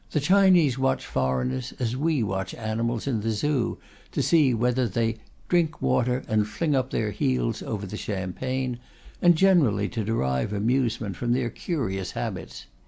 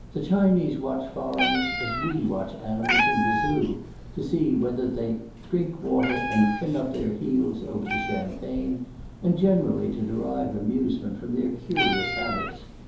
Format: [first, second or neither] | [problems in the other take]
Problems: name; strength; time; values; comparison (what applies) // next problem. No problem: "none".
first | background sound (Meow); 6 dB below the speech // room echo; dies away in 2.8 s